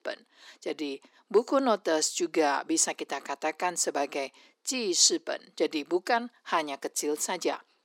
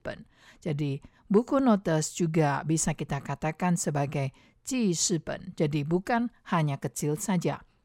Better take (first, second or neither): second